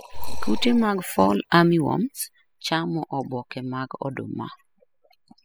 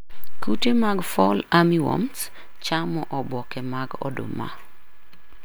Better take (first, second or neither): second